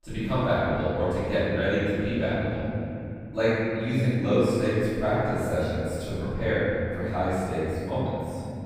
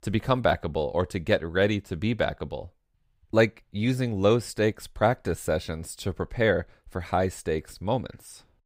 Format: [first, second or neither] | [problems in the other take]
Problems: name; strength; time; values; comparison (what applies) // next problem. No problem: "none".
second | room echo; strong; dies away in 3 s // off-mic speech; far